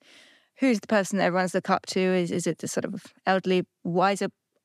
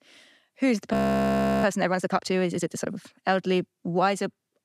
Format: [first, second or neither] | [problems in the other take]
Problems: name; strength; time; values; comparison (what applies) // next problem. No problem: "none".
first | audio freezing; at 1 s for 0.5 s